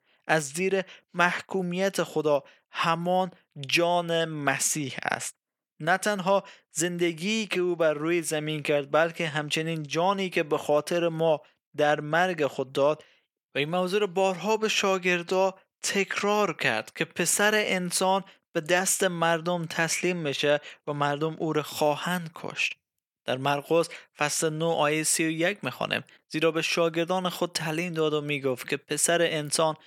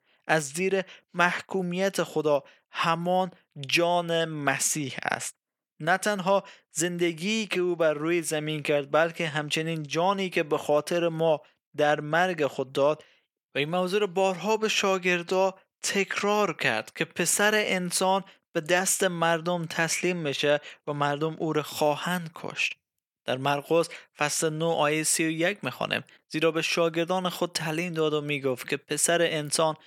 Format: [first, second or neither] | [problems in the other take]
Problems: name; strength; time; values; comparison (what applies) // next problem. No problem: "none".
neither | thin; somewhat; fading below 300 Hz; the same in both